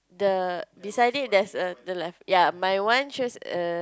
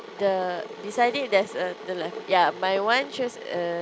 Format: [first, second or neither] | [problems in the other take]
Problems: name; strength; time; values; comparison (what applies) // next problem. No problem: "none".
first | background sound (Boiling / Water); 13 dB below the speech